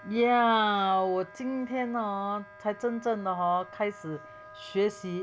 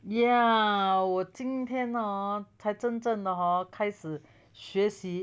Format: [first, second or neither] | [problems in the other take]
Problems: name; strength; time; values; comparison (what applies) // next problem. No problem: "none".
second | background sound (Wind instrument, woodwind instrument); 20 dB below the speech